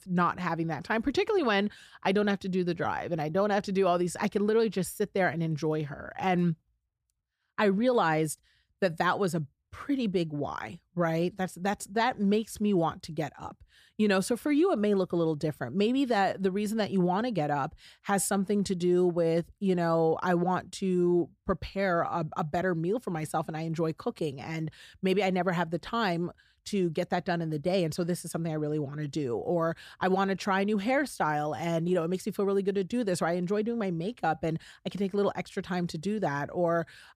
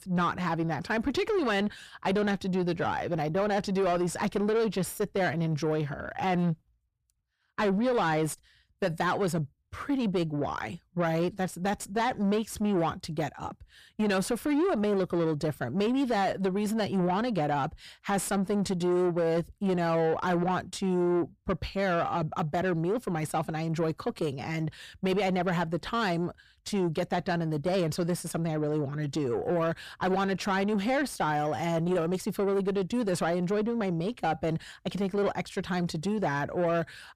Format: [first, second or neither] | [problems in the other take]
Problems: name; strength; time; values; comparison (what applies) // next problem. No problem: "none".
first | distortion; slight; 10 dB below the speech